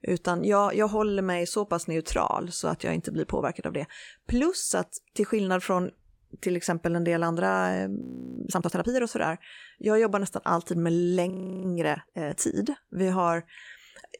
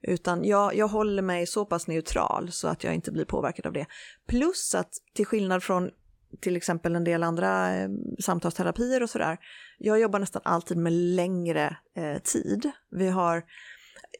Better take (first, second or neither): second